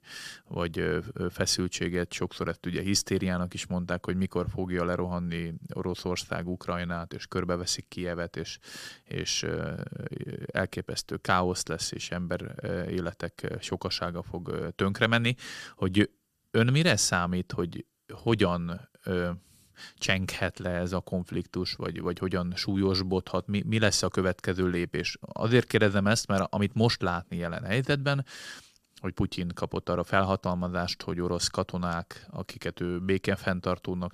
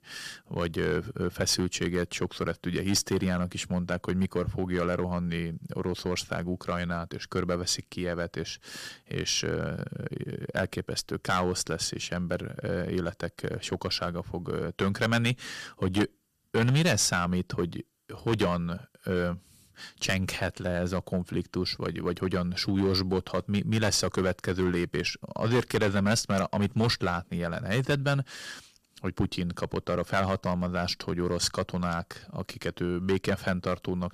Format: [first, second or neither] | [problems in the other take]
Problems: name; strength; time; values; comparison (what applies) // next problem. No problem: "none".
first | distortion; slight; 3% of the sound clipped